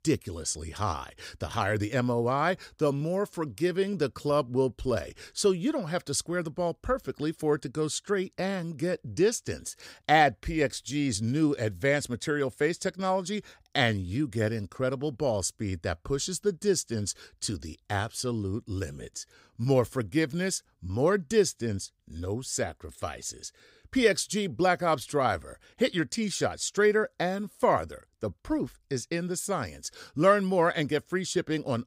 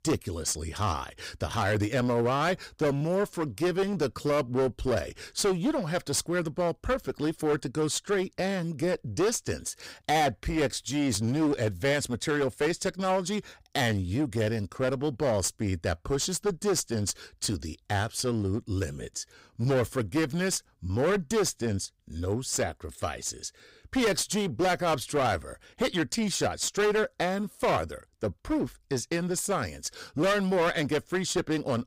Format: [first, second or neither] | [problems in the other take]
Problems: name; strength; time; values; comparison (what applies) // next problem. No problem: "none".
first | distortion; heavy; 13% of the sound clipped